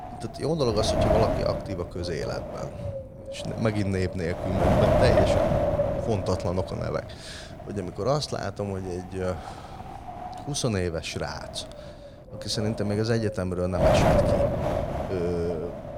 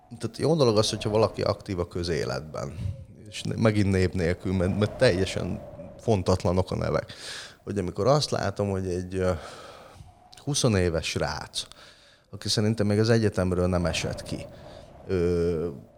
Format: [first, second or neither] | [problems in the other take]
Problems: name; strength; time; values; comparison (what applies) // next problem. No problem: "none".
second | wind noise on the microphone; heavy; 4 dB above the speech; occasional gusts in the second